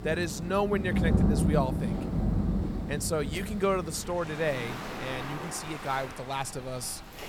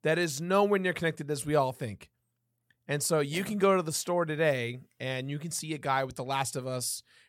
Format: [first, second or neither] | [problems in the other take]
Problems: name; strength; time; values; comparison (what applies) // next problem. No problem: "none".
second | rain or running water; very loud; throughout; as loud as the speech